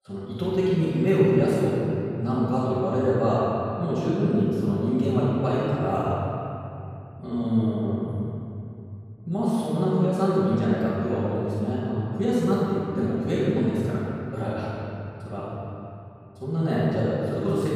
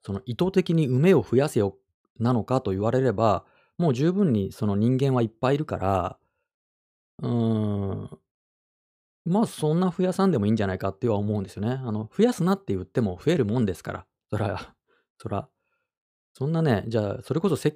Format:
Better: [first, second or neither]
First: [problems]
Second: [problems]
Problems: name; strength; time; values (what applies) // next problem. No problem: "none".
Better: second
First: off-mic speech; far // room echo; strong; dies away in 2.9 s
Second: none